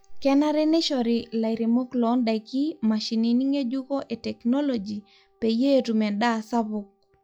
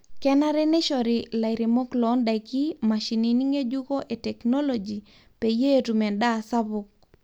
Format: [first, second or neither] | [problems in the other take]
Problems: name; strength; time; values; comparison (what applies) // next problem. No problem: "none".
second | noise reduction (classical method log-MMSE)